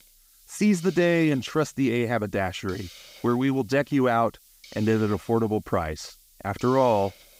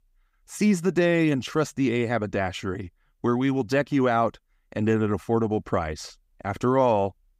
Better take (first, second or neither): second